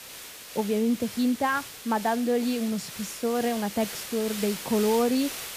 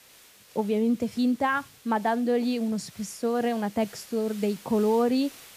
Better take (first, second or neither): second